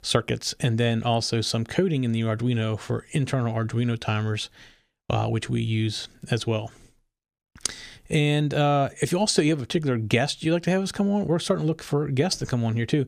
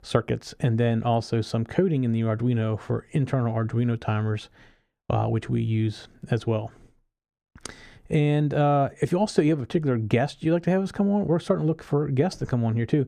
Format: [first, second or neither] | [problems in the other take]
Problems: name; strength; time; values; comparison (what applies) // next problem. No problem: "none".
first | muffled; slightly; fading above 2 kHz